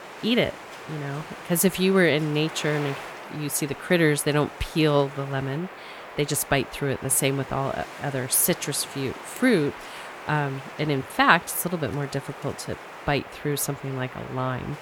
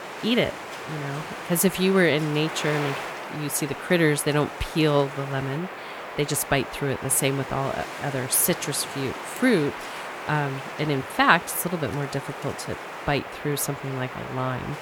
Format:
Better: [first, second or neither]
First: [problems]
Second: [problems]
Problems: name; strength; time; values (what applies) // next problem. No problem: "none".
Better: first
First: wind noise on the microphone; occasional gusts; 10 dB below the speech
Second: wind noise on the microphone; heavy; 7 dB below the speech